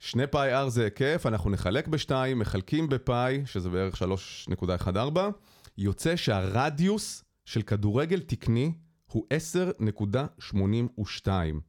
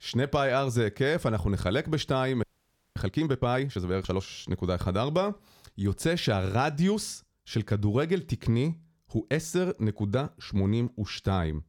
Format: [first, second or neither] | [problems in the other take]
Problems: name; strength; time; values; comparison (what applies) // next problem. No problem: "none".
first | audio freezing; at 2.5 s for 0.5 s